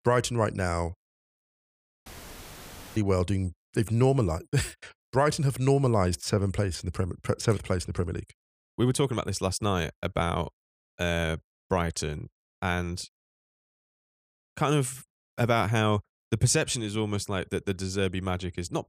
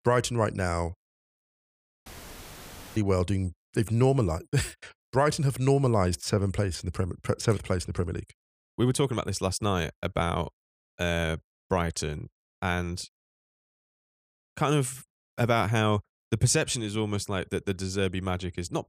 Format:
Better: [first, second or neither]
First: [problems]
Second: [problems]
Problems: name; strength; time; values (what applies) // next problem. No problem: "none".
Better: neither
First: audio cutting out; filled with static; at 2 s for 1 s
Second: audio cutting out; filled with static; at 2 s for 1 s